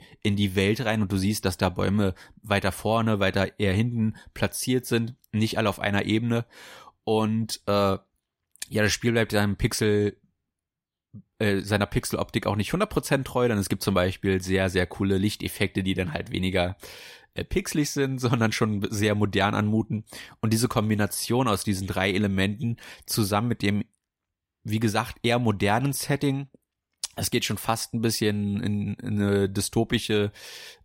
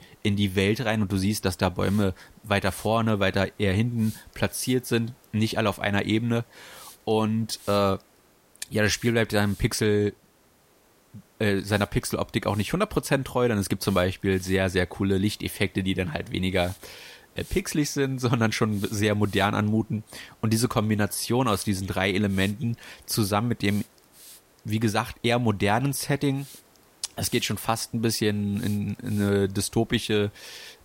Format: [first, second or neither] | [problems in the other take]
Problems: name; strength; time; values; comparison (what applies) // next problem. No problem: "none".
first | hiss; faint; throughout; 25 dB below the speech